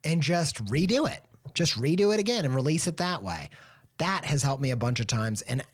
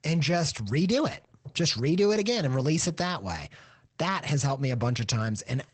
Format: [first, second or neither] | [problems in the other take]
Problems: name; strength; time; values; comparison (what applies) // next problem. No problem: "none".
first | garbled, watery; badly; nothing above 8 kHz; slightly in the first